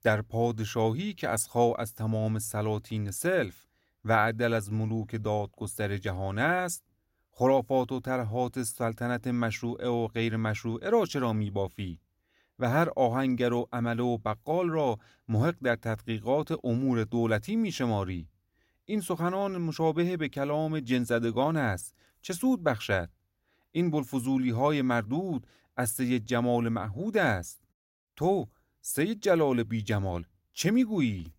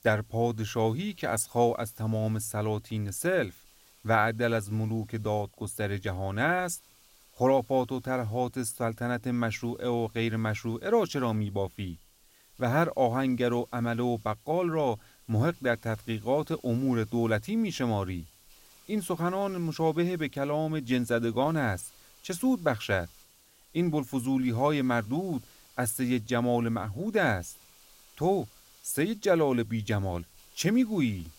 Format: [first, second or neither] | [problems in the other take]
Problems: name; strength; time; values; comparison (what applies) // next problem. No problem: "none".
first | hiss; faint; throughout; 25 dB below the speech